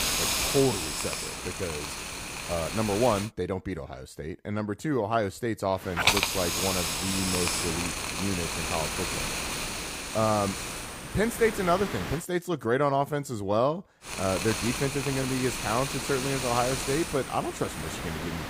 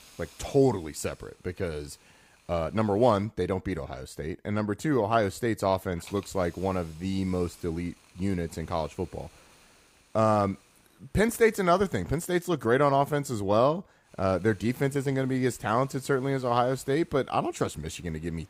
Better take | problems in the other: second | hiss; loud; until 3.5 s, from 6 to 12 s and from 14 s on; 1 dB below the speech; faint in the second

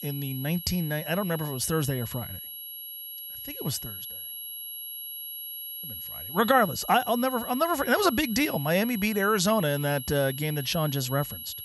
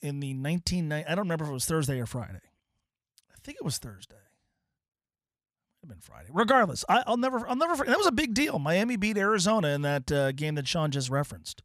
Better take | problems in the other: second | high-pitched whine; loud; throughout; 11.5 kHz, 9 dB below the speech

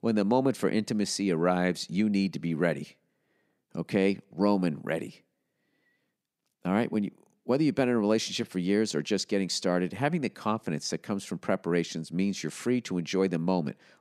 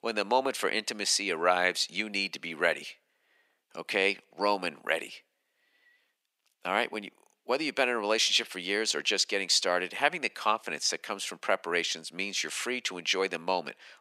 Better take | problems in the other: first | thin; very; fading below 700 Hz

